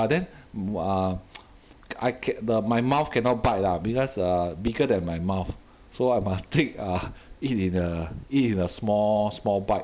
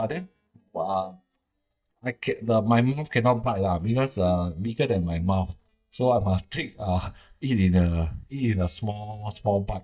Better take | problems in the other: first | noise reduction (neural mask model DeepFilterNet 3)

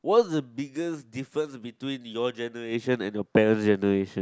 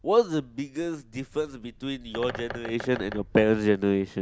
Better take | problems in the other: first | background sound (Bird); 16 dB below the speech

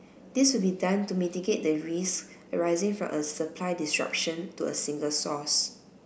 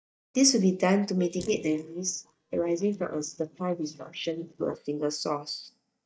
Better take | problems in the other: first | noise reduction (neural mask model DeepFilterNet 3)

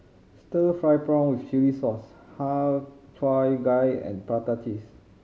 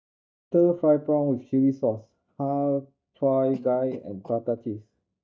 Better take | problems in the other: first | noise reduction (neural mask model DeepFilterNet 3)

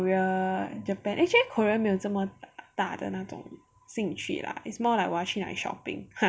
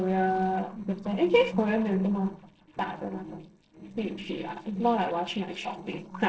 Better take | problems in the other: first | noise reduction (neural separator model SepFormer DNS4)

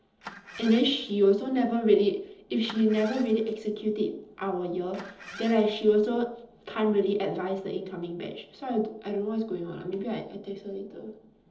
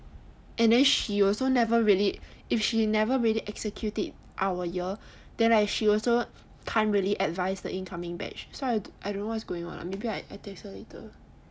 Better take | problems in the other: second | noise reduction (neural separator model SepFormer DNS4)

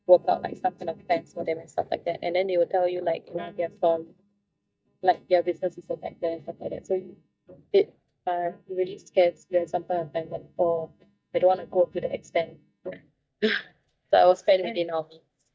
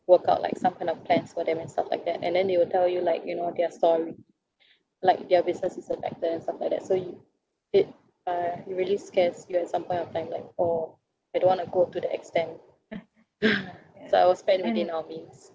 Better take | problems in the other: second | noise reduction (neural mask model DeepFilterNet 3)

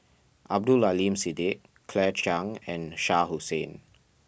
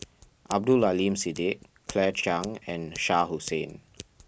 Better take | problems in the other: first | background sound (Scissors); 19 dB below the speech

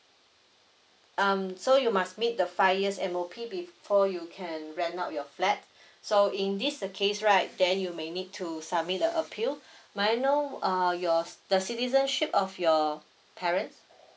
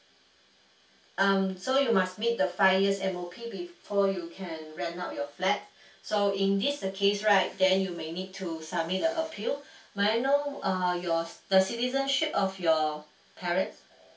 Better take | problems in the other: first | room echo; dies away in 0.2 s

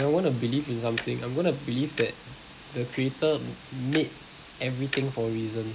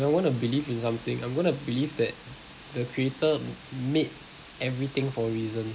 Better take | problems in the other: second | background sound (Tick-tock); 15 dB below the speech

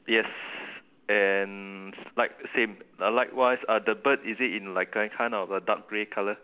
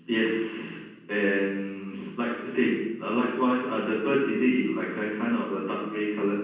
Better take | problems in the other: first | room echo; dies away in 1.2 s

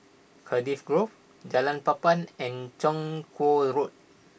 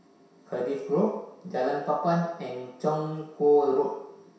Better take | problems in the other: first | room echo; dies away in 0.7 s

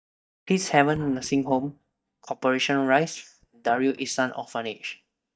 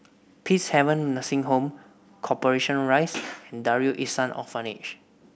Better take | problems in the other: second | noise reduction (neural mask model DeepFilterNet 3)

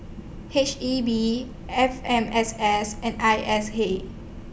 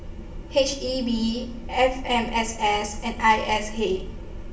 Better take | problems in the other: first | room echo; dies away in 0.6 s

